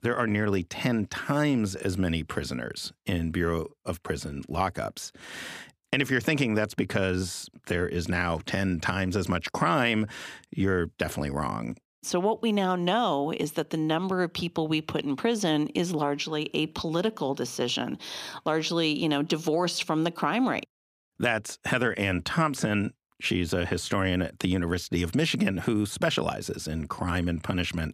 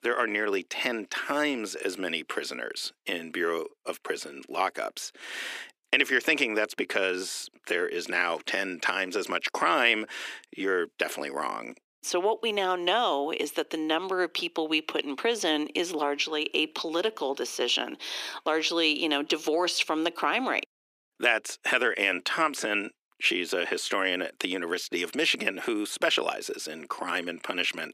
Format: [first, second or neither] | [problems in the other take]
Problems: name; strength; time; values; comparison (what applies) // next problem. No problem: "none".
first | thin; somewhat; fading below 350 Hz